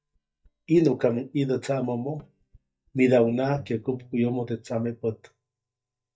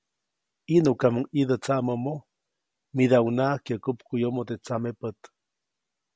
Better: second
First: noise reduction (neural mask model DeepFilterNet 3)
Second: none

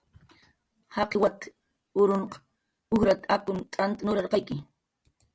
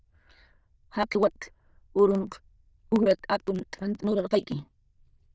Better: first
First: none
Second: noise reduction (neural diffusion model UNIVERSE++)

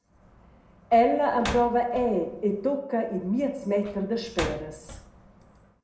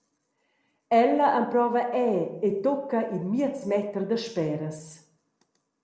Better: second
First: background sound (Slam); 14 dB below the speech // room echo; dies away in 0.2 s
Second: none

